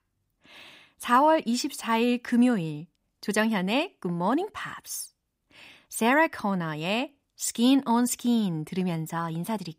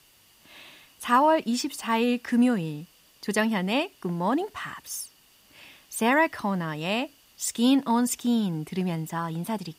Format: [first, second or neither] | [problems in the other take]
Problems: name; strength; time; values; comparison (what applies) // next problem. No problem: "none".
first | hiss; faint; throughout; 30 dB below the speech